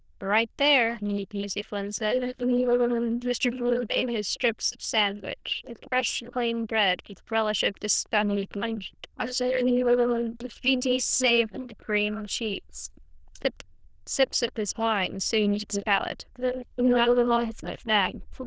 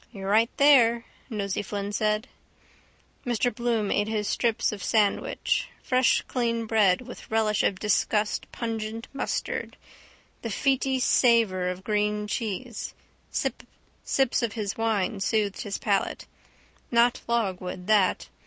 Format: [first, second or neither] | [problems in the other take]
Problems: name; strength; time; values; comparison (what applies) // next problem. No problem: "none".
second | noise reduction (neural diffusion model UNIVERSE++)